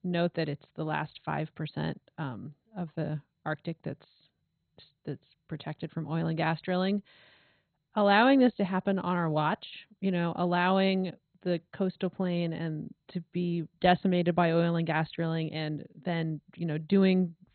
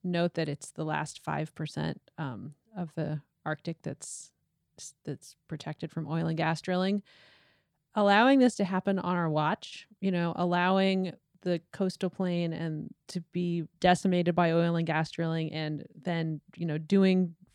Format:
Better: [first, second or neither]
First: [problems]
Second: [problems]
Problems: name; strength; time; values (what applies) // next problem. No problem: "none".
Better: second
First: garbled, watery; badly; nothing above 4 kHz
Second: none